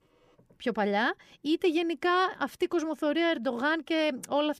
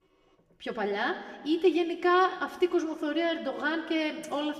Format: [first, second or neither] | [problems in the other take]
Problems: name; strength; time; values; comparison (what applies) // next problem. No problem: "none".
first | room echo; slight; dies away in 1.3 s // off-mic speech; somewhat distant